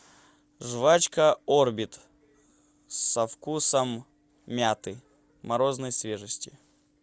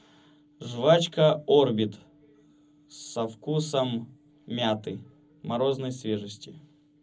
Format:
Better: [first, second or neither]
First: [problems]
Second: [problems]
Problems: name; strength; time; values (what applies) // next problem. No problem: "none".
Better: first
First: none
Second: room echo; dies away in 0.4 s